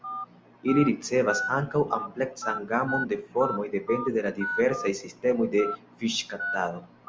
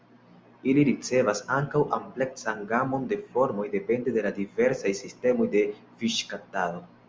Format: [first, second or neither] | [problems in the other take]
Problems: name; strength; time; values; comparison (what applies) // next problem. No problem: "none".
second | background sound (Telephone); 9 dB below the speech